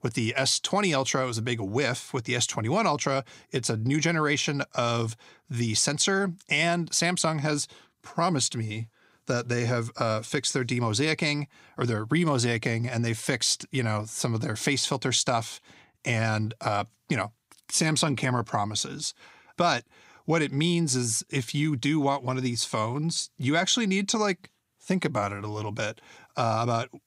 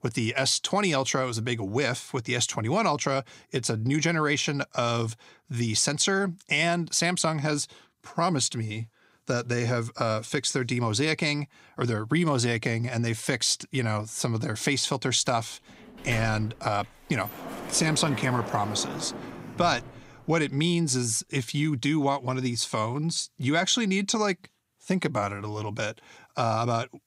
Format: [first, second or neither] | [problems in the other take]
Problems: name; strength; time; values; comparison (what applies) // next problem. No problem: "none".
first | door banging; noticeable; from 16 to 20 s; peak 9 dB below the speech